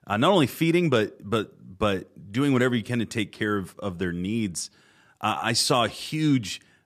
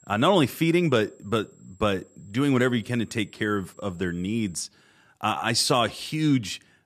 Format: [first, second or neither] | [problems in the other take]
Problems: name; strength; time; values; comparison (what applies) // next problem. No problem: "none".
first | high-pitched whine; faint; until 4.5 s; 7.5 kHz, 30 dB below the speech